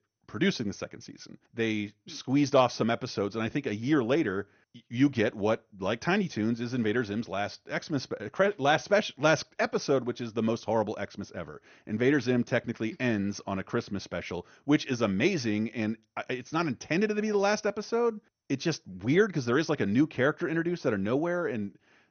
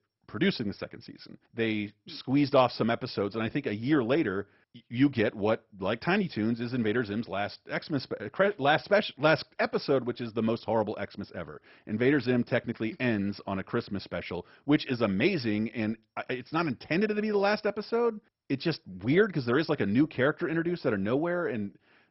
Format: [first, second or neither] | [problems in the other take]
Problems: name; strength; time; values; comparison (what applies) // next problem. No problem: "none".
first | garbled, watery; badly; nothing above 5.5 kHz; slightly in the first